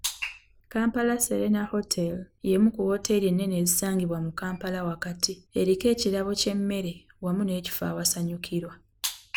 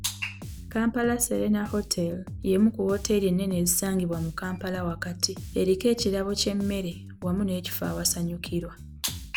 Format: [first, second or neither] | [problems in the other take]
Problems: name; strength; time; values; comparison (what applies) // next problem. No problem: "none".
first | background sound (Bass guitar); 13 dB below the speech